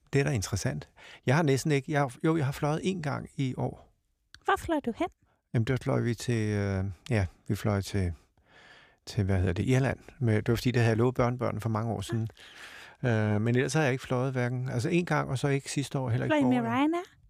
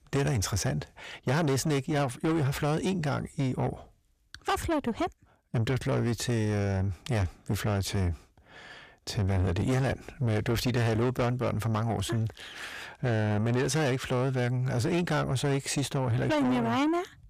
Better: first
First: none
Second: distortion; heavy; 7 dB below the speech

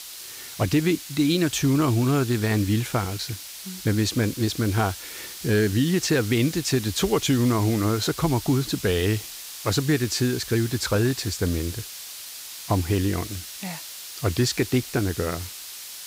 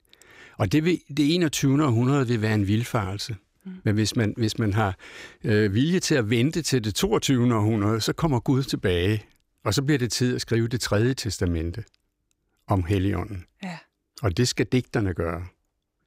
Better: second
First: hiss; noticeable; throughout; 10 dB below the speech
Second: none

